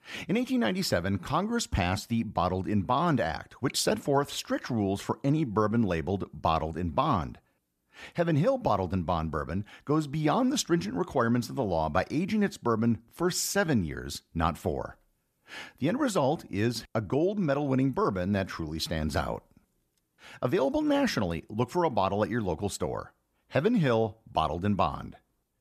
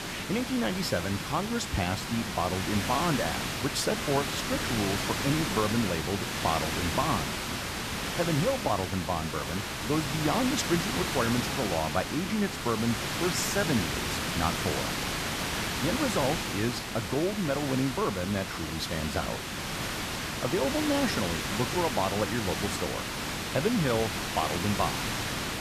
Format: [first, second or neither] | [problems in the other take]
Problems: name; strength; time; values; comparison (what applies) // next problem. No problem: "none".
first | hiss; loud; throughout; 1 dB below the speech